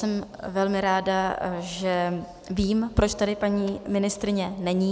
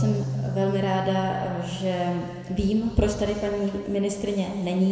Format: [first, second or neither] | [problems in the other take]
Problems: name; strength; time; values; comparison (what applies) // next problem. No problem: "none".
first | background sound (Marimba, xylophone); 8 dB below the speech // room echo; dies away in 2 s